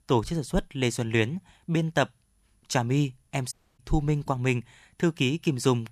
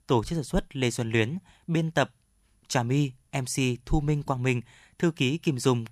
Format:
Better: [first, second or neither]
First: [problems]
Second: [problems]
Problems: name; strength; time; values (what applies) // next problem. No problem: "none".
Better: second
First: audio cutting out; at 3.5 s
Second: none